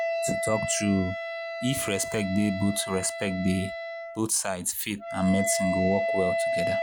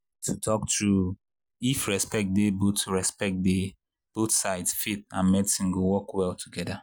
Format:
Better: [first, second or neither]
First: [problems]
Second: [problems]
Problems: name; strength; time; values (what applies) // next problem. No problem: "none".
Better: second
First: background sound (Wind instrument, woodwind instrument); 2 dB below the speech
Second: none